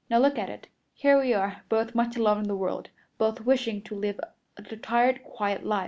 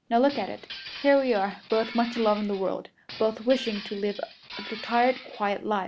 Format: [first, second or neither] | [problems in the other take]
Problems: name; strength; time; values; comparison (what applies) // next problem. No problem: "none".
first | background sound (Glass); 15 dB below the speech